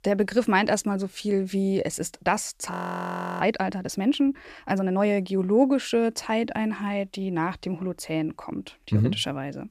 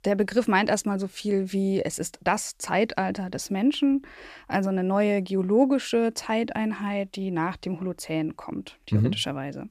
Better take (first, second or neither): second